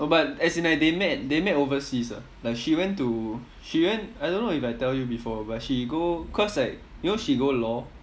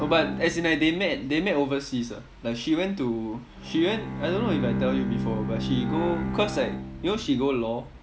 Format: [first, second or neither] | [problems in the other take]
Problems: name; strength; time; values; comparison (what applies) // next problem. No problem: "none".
first | background sound (Bowed string instrument); 6 dB below the speech